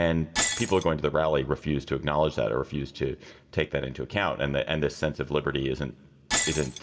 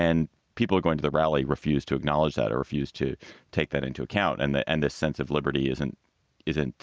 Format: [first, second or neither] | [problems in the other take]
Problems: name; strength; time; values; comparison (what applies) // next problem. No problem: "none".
second | background sound (Shatter); 9 dB below the speech // room echo; dies away in 0.5 s